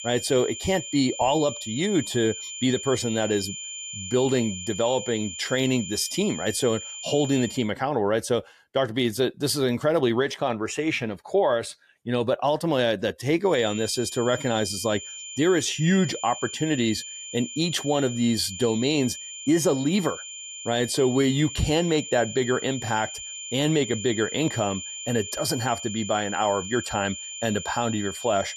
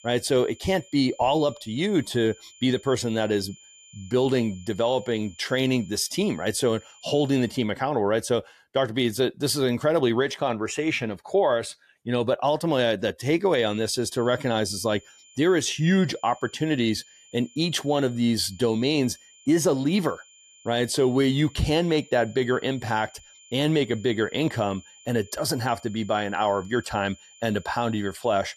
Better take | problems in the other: second | high-pitched whine; loud; until 7.5 s and from 14 s on; 3 kHz, 9 dB below the speech; faint in the second

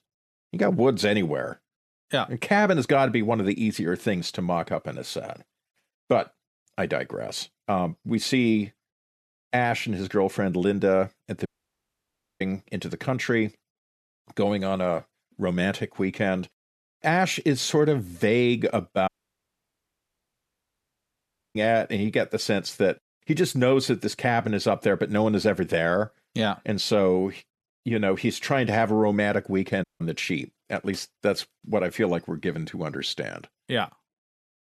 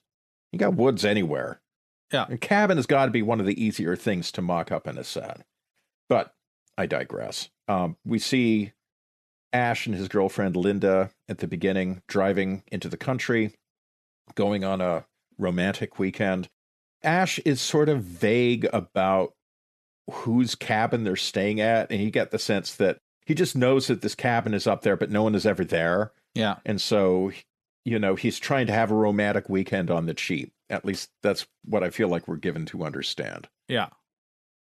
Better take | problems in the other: second | audio cutting out; at 11 s for 1 s, at 19 s for 2.5 s and at 30 s

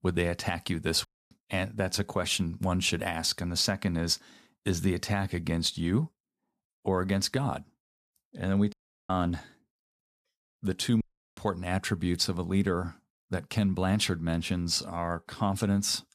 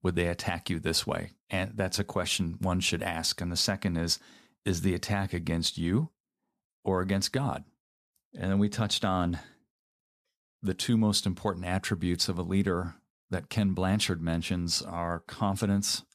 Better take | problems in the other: second | audio cutting out; at 1 s, at 8.5 s and at 11 s

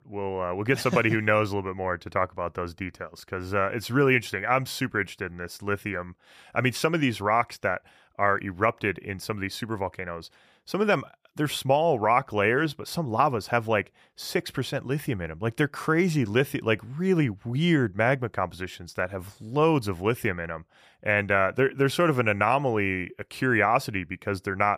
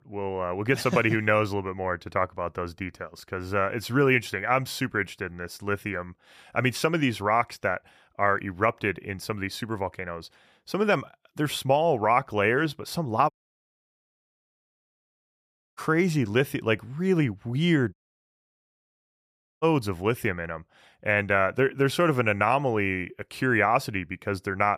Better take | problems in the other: first | audio cutting out; at 13 s for 2.5 s and at 18 s for 1.5 s

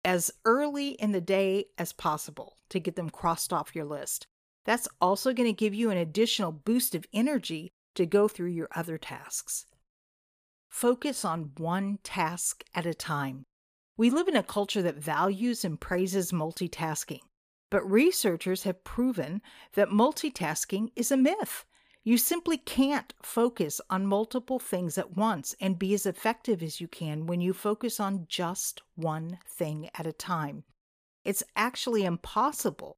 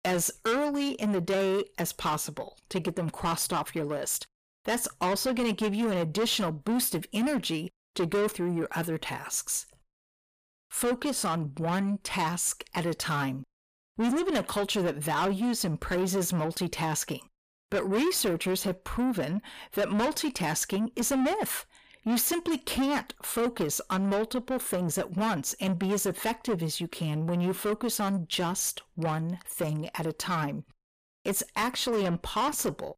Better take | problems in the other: first | distortion; heavy; 7 dB below the speech

